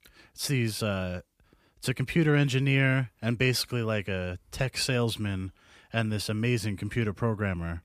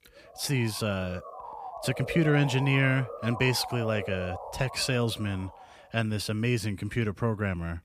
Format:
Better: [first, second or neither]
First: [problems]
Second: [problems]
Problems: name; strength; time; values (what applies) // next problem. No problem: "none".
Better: first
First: none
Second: siren; noticeable; until 5.5 s; peak 8 dB below the speech